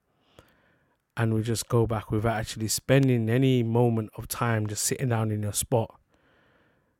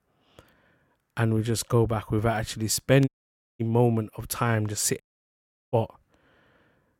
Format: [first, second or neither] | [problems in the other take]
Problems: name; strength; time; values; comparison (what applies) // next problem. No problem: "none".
first | audio cutting out; at 3 s for 0.5 s and at 5 s for 0.5 s